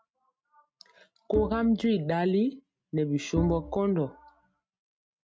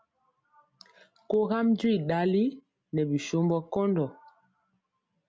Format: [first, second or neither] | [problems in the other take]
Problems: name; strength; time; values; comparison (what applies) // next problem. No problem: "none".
second | noise reduction (neural mask model RNNoise)